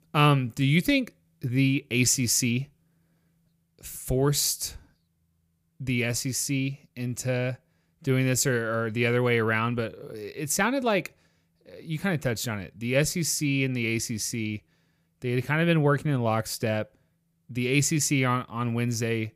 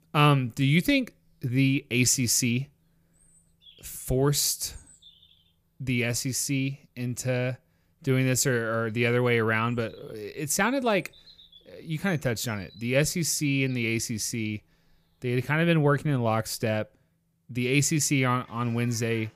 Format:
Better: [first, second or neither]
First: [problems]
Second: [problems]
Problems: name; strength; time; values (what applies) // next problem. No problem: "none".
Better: first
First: none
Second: animal sounds; faint; throughout; 30 dB below the speech